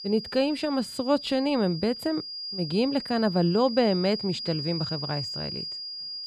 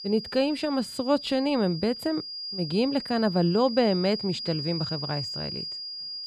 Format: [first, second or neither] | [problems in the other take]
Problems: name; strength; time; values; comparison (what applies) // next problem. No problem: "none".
neither | high-pitched whine; loud; throughout; 5 kHz, 7 dB below the speech; the same in both